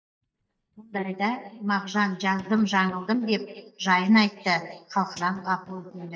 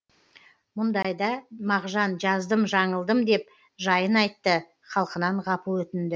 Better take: second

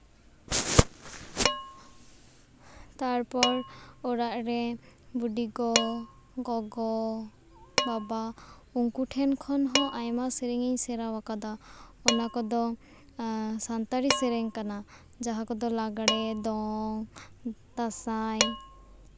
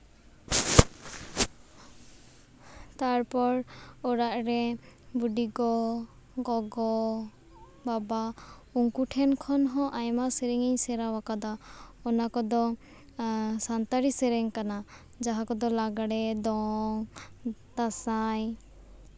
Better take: second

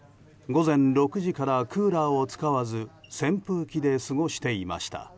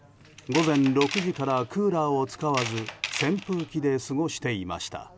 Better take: first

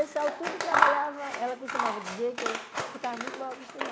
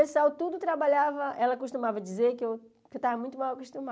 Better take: second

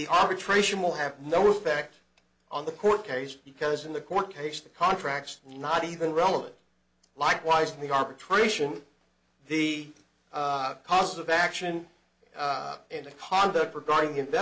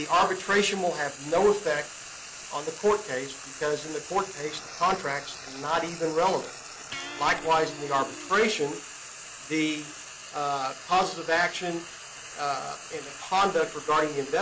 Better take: first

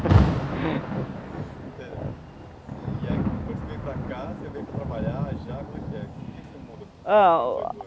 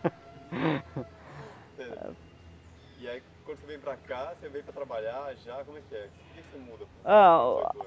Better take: second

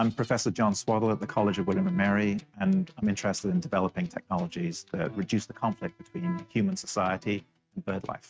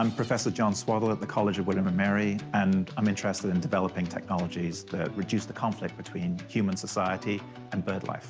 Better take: second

